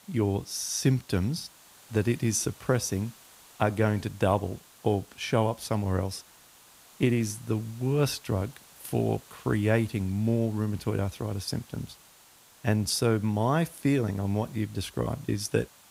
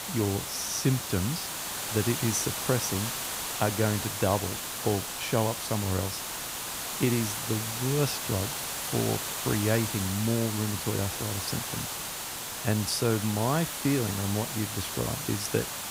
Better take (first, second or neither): first